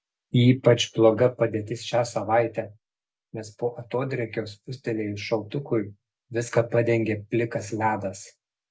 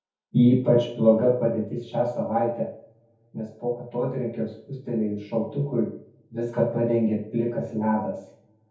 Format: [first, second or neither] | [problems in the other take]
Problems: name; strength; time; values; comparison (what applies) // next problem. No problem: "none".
first | room echo; dies away in 0.6 s